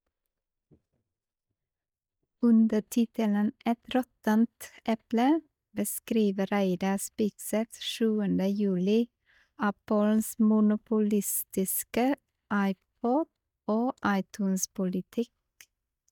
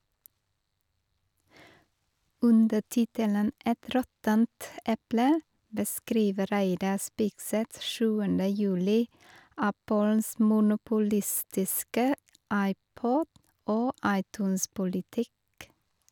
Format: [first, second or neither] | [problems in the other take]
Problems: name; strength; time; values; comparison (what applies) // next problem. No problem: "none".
second | noise reduction (neural mask model DeepFilterNet 3)